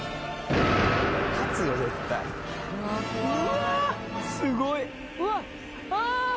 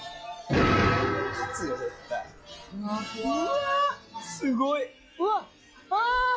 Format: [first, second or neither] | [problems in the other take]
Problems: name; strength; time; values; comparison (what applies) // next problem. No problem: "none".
first | noise reduction (classical method log-MMSE)